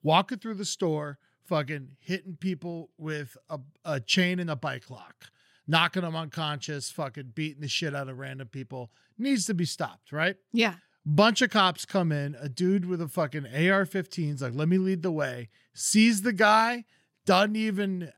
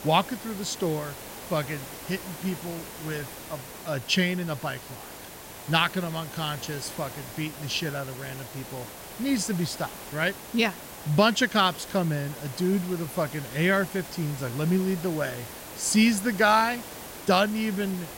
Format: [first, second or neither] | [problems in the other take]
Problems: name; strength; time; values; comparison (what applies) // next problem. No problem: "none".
first | hiss; noticeable; throughout; 15 dB below the speech